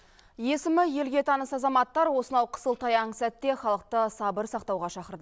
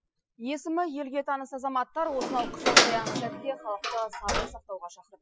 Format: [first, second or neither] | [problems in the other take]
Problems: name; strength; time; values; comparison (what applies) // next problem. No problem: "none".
first | noise reduction (classical method Wiener filter)